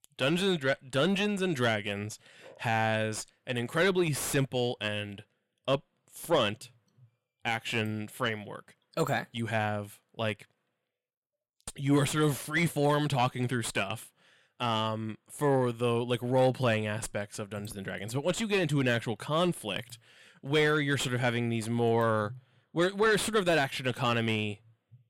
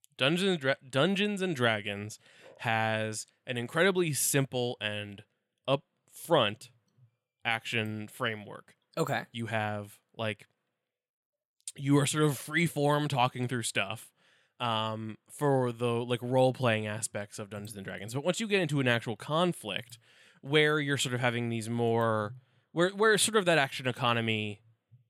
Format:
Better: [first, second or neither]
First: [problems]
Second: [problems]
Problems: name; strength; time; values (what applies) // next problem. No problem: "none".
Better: second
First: distortion; slight; 10 dB below the speech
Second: none